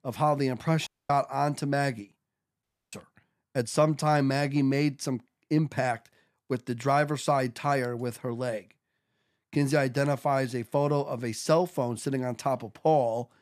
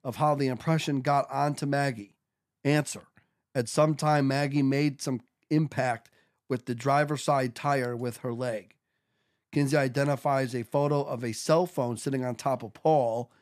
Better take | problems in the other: second | audio cutting out; at 1 s and at 2.5 s

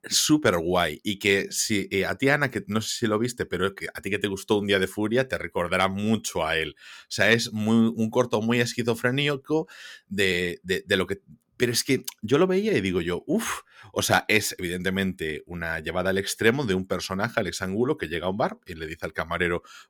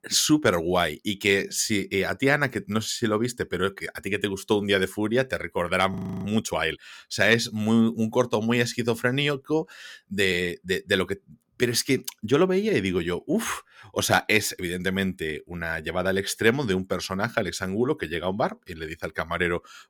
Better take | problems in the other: first | audio freezing; at 6 s

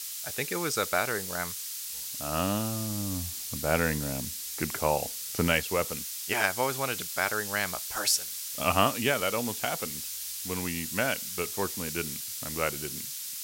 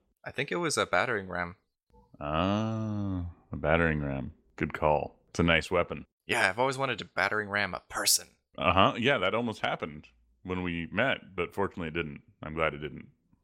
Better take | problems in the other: second | hiss; loud; throughout; 3 dB below the speech

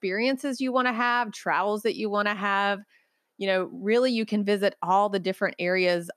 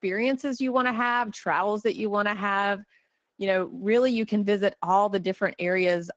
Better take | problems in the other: first | garbled, watery; slightly

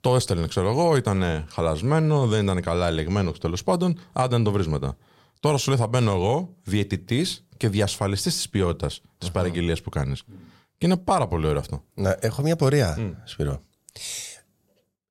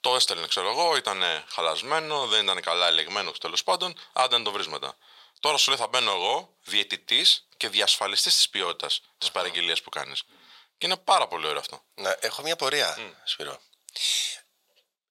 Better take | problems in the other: first | thin; very; fading below 850 Hz

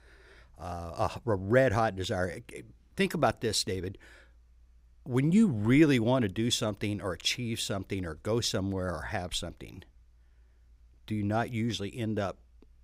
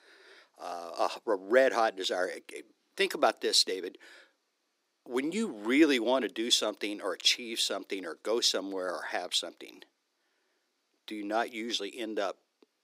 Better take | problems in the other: first | thin; somewhat; fading below 300 Hz

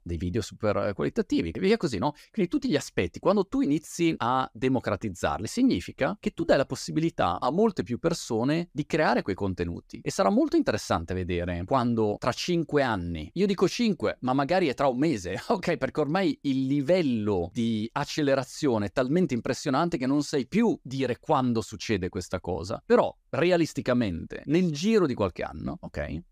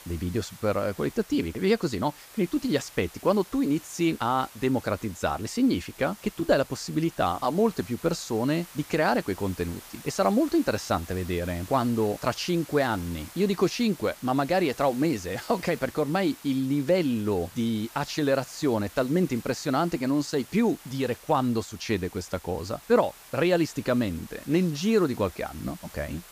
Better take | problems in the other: first | hiss; noticeable; throughout; 20 dB below the speech

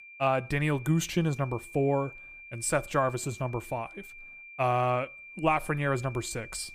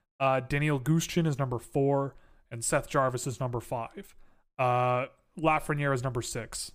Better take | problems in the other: second | high-pitched whine; noticeable; throughout; 2.5 kHz, 15 dB below the speech

